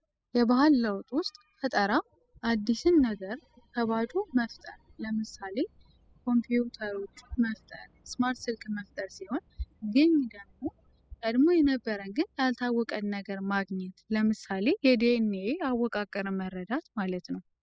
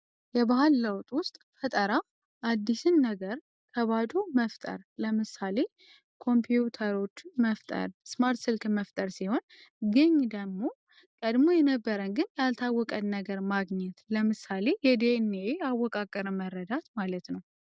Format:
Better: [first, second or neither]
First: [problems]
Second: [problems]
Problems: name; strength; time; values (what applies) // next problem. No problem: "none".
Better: second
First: noise reduction (classical method spectral subtraction)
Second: none